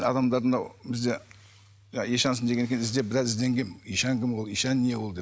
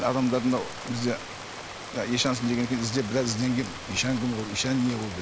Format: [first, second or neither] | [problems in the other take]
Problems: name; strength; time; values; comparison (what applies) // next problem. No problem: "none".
first | background sound (Rain); 11 dB below the speech